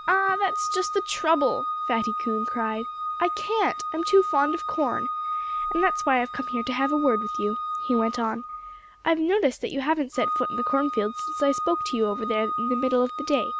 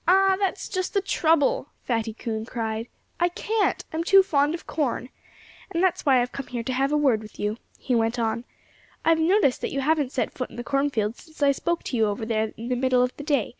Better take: second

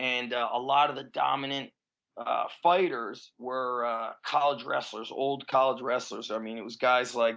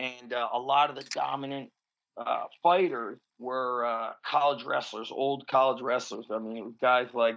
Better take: first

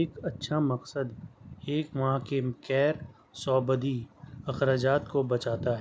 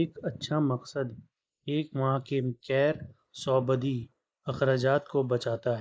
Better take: first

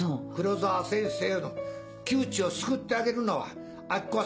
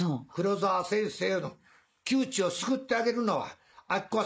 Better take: first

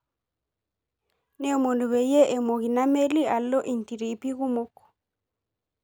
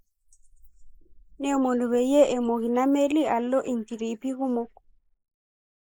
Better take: first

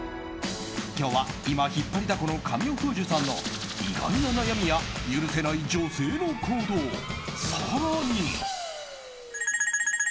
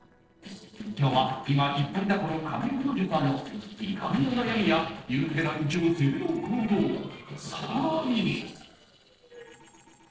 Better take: first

